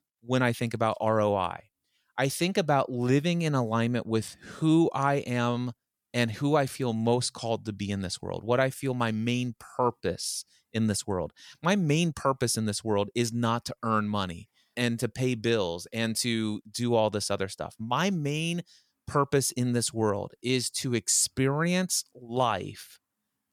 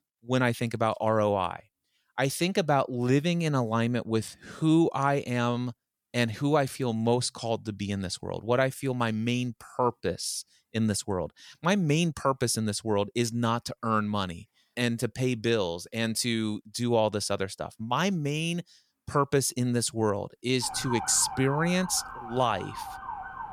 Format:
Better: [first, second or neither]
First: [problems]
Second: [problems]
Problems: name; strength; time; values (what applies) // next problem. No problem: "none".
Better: first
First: none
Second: siren; noticeable; from 21 s on; peak 7 dB below the speech